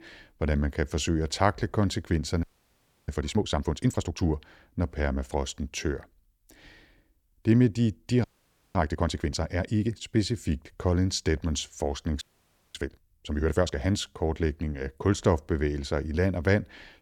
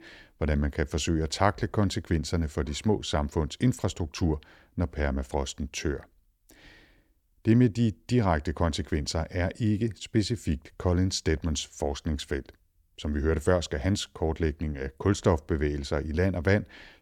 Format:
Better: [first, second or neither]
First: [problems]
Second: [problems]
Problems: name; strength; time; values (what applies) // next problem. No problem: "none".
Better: second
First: audio freezing; at 2.5 s for 0.5 s, at 8 s for 0.5 s and at 12 s for 0.5 s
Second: none